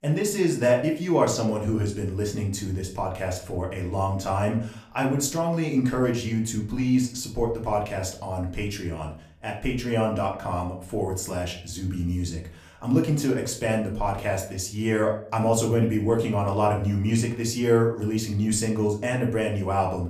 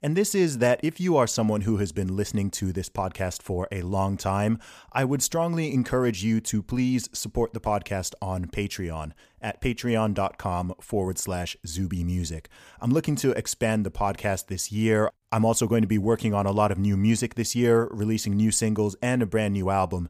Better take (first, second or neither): second